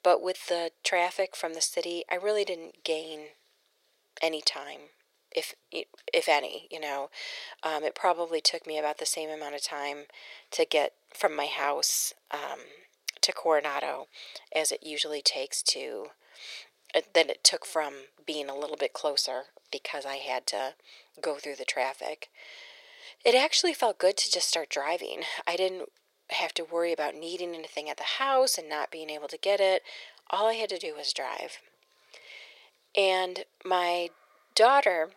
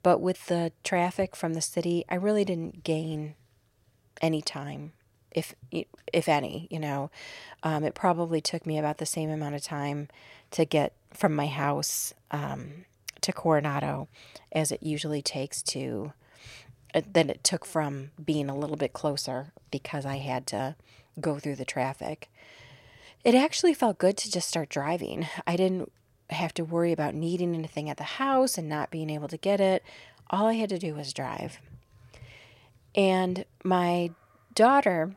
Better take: second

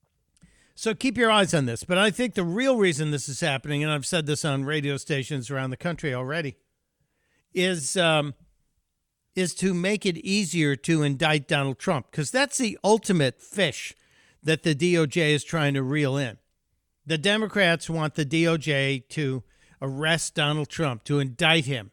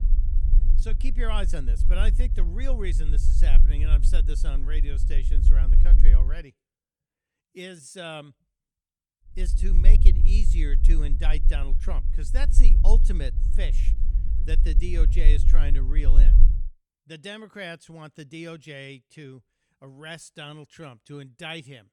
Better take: first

